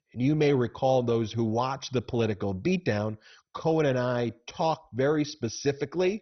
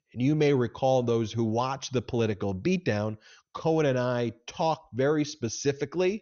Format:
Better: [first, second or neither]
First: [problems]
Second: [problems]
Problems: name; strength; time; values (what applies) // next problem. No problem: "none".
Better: second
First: garbled, watery; badly; nothing above 6 kHz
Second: garbled, watery; slightly; nothing above 6.5 kHz